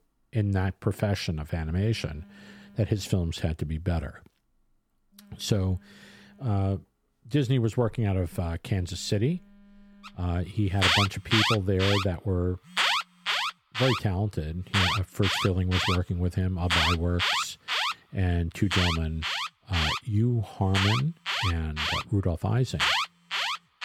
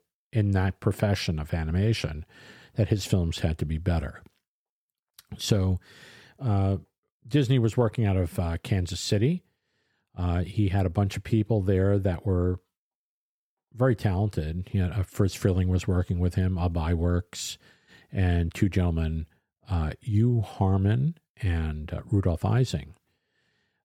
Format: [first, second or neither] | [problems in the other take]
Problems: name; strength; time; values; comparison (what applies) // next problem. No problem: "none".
second | alarms or sirens; very loud; throughout; 1 dB above the speech